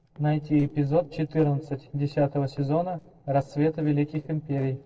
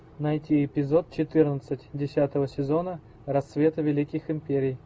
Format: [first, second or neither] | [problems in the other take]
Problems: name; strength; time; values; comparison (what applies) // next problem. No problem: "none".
second | noise reduction (neural separator model SepFormer DNS4)